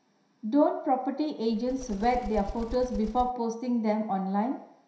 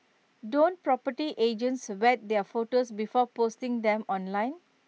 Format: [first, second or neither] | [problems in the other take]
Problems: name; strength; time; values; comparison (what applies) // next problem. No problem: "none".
second | background sound (Bird); 11 dB below the speech // room echo; dies away in 0.7 s